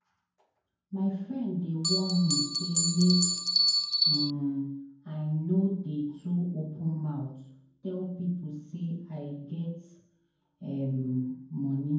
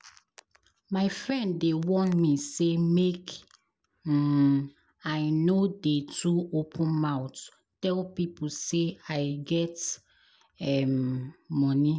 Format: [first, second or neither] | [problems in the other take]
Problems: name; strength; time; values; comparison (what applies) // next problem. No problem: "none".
second | background sound (Bell); 4 dB above the speech // room echo; dies away in 0.9 s